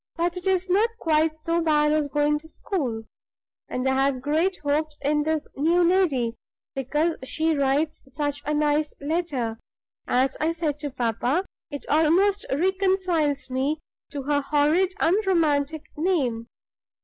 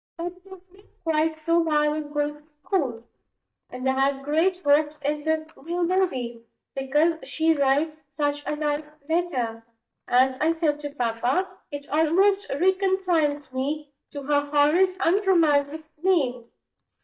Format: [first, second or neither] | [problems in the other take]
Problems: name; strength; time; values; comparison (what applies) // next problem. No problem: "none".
first | noise reduction (neural mask model DeepFilterNet 3)